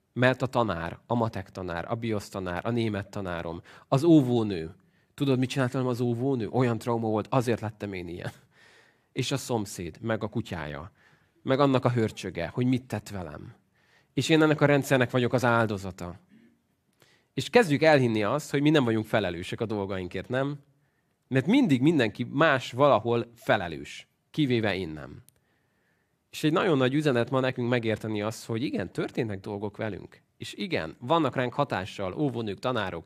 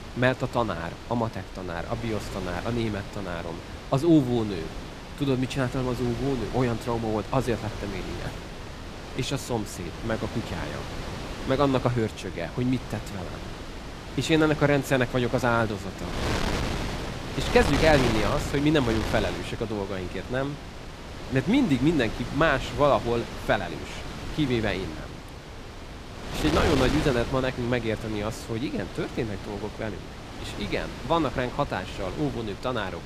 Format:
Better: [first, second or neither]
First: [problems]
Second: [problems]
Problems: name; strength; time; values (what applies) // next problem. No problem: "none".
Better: first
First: none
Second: wind noise on the microphone; heavy; 8 dB below the speech